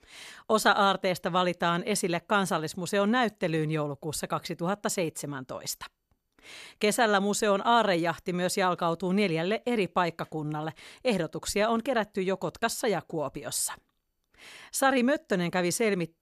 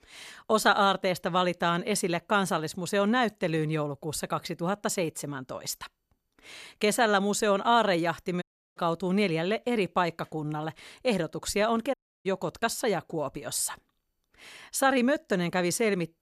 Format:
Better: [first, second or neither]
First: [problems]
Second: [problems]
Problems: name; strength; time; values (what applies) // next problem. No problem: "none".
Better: first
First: none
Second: audio cutting out; at 8.5 s and at 12 s